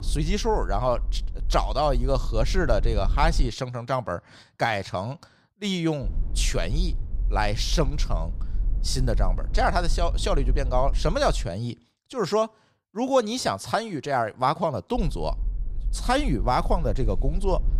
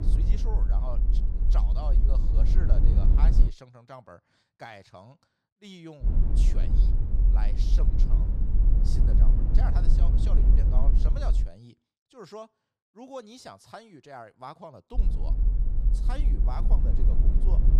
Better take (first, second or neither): first